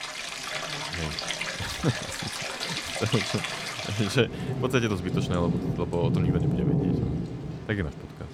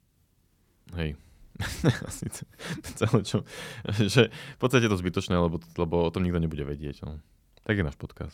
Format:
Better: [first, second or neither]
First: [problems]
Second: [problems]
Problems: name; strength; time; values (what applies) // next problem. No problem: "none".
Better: second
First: rain or running water; very loud; throughout; as loud as the speech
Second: none